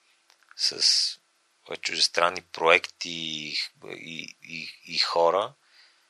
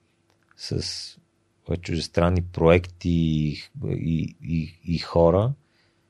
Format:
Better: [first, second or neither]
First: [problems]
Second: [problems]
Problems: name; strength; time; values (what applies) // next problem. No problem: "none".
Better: second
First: thin; very; fading below 1 kHz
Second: none